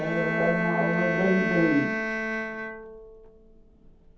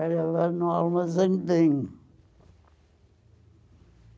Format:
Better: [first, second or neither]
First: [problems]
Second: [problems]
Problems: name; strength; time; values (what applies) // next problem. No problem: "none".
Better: second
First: background sound (Bowed string instrument); 2 dB below the speech // room echo; dies away in 0.6 s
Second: none